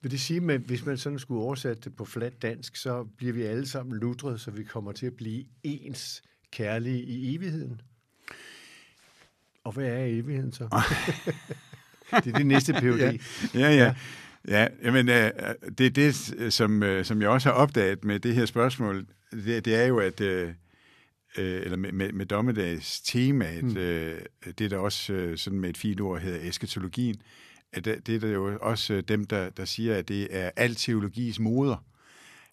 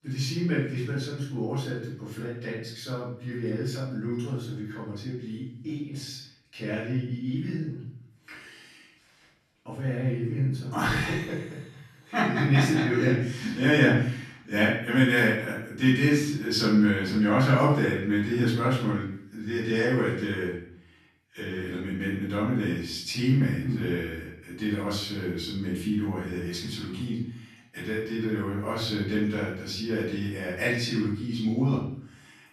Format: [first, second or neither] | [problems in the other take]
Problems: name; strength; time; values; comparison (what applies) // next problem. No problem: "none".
first | off-mic speech; far // room echo; noticeable; dies away in 0.6 s